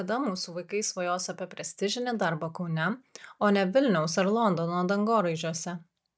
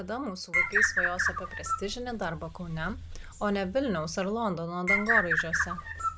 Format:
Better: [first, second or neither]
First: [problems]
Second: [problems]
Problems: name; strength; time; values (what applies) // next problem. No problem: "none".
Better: first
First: none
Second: background sound (Bird); 1 dB above the speech